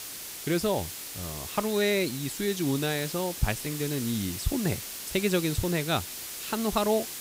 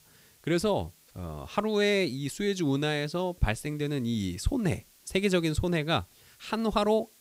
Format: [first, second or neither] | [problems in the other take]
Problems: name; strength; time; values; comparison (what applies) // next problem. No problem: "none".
second | hiss; loud; throughout; 7 dB below the speech; faint in the second